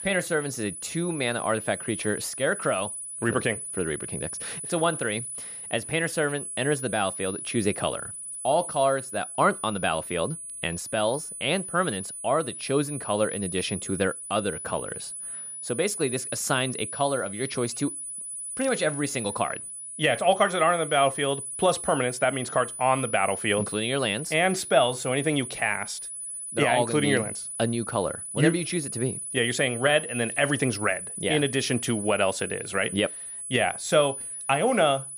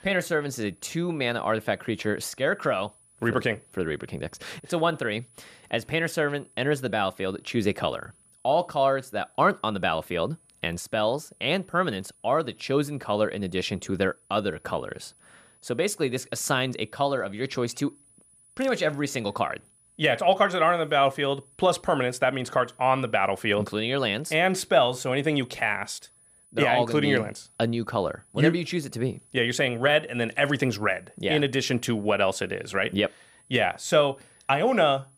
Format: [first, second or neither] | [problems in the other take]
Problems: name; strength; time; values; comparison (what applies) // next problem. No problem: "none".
second | high-pitched whine; loud; throughout; 10 kHz, 7 dB below the speech; faint in the second